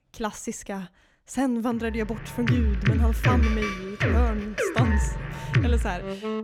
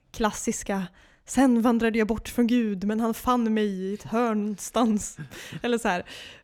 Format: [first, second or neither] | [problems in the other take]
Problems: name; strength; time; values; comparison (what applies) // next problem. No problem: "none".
second | background music; very loud; from 2 s on; 5 dB above the speech